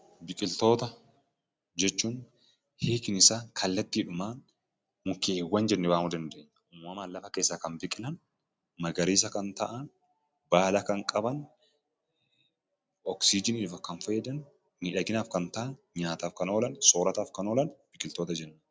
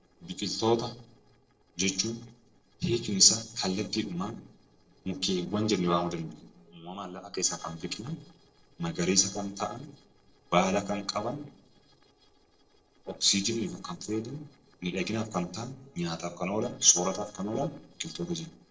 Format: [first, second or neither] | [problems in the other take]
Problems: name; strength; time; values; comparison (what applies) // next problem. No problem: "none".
first | noise reduction (neural separator model SepFormer DNS4)